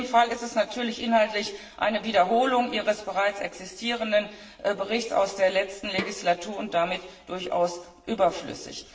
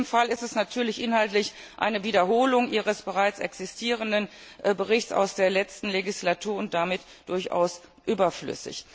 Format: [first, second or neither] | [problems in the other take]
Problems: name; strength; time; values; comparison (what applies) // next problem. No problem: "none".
second | background sound (Snare drum); 14 dB below the speech // room echo; dies away in 0.8 s